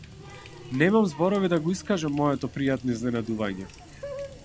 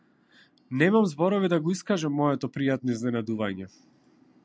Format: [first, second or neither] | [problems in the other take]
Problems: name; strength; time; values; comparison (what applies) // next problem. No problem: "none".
second | background sound (Water tap, faucet); 16 dB below the speech